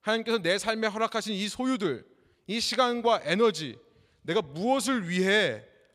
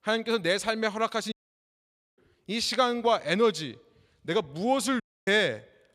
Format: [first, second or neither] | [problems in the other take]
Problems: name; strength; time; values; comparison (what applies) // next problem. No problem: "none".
first | audio cutting out; at 1.5 s for 1 s and at 5 s